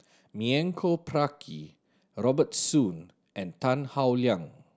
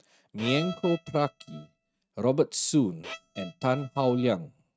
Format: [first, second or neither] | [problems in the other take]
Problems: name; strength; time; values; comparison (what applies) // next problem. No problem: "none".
first | noise reduction (neural mask model RNNoise)